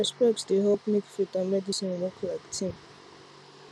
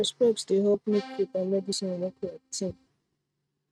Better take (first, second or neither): first